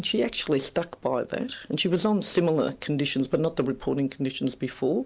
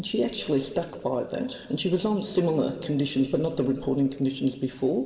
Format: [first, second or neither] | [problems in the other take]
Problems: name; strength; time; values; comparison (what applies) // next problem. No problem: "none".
first | room echo; dies away in 1.6 s